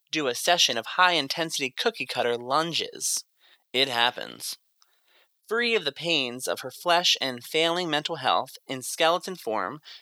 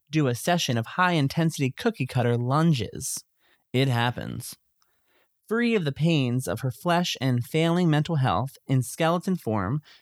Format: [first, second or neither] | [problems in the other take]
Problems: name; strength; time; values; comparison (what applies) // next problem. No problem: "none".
second | thin; very; fading below 500 Hz